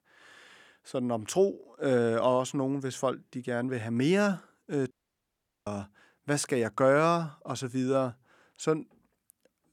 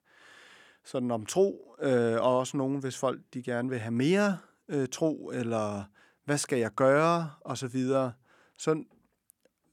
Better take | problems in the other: second | audio cutting out; at 5 s for 1 s

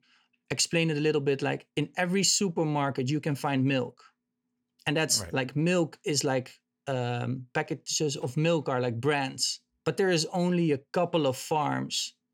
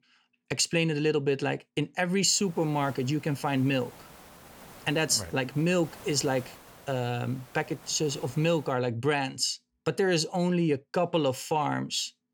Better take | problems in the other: first | hiss; faint; from 2.5 to 8.5 s; 20 dB below the speech

